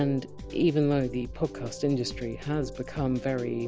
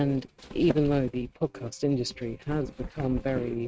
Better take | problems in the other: first | noise reduction (neural mask model RNNoise)

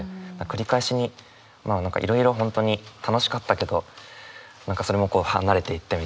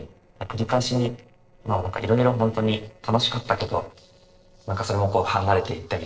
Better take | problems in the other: first | noise reduction (neural separator model SepFormer DNS4)

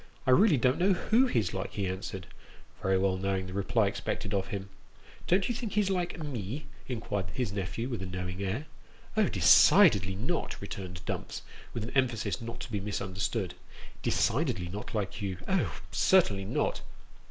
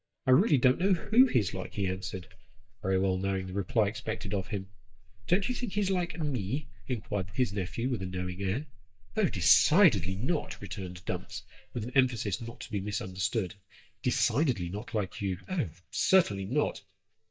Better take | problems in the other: first | noise reduction (neural mask model DeepFilterNet 3)

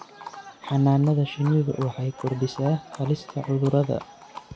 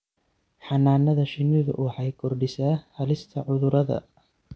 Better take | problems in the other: second | background sound (Livestock, farm animals, working animals); 17 dB below the speech

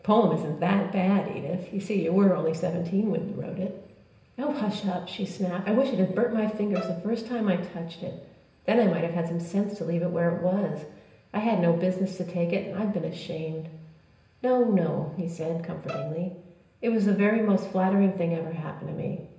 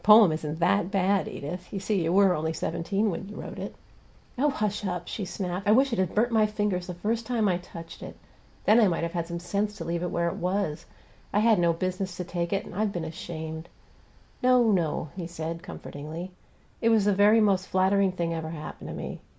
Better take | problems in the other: second | background sound (Bowed string instrument); 13 dB below the speech // room echo; dies away in 0.9 s

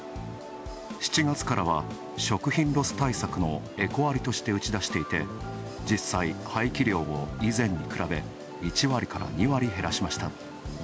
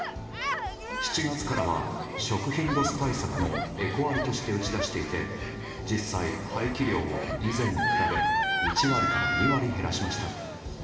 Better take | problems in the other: first | background sound (Gasp); 3 dB below the speech // room echo; dies away in 2.3 s

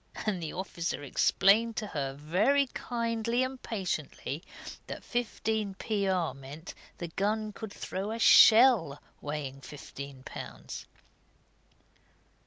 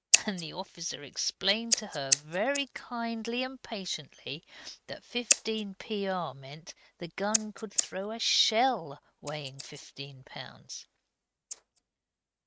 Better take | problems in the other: first | noise reduction (neural mask model RNNoise)

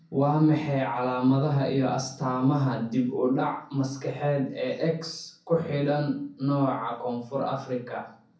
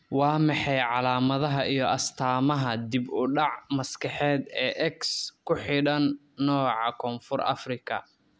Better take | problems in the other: second | room echo; dies away in 0.6 s

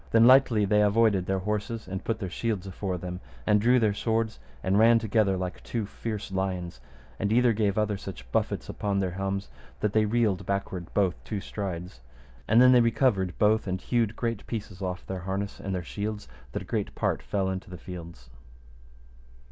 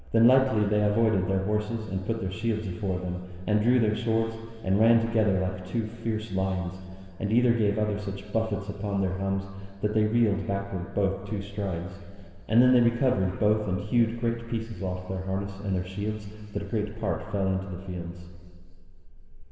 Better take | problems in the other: first | room echo; dies away in 2.2 s

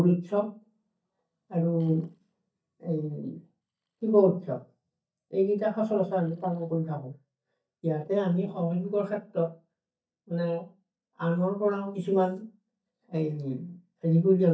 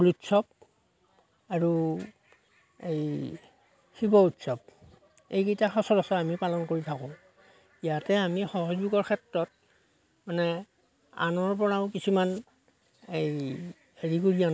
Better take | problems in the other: second | noise reduction (neural mask model DeepFilterNet 3)

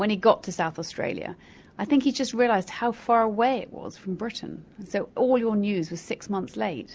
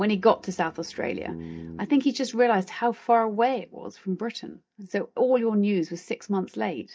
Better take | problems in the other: first | noise reduction (neural mask model DeepFilterNet 3)

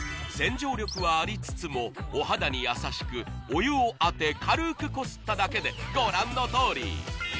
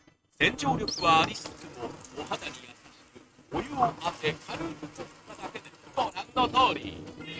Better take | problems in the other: first | noise reduction (neural mask model RNNoise)

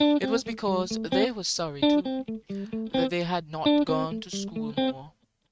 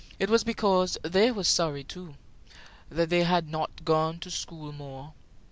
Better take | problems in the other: second | noise reduction (neural mask model RNNoise)

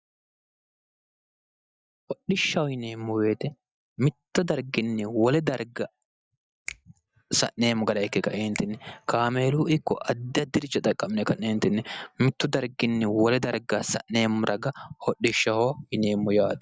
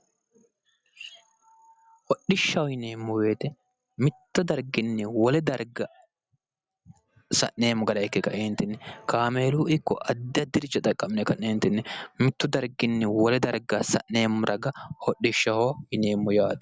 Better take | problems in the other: second | noise reduction (neural mask model DeepFilterNet 3)

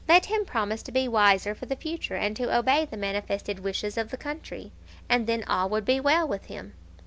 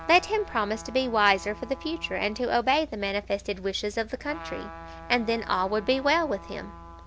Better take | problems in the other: first | background sound (Trumpet); 18 dB below the speech

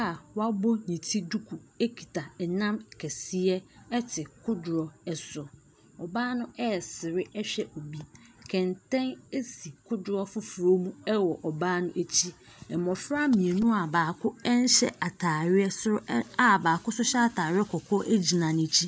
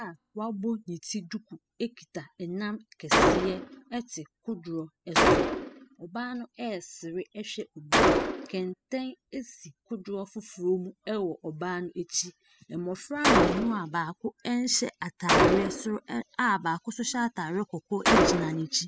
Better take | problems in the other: first | noise reduction (classical method spectral subtraction)

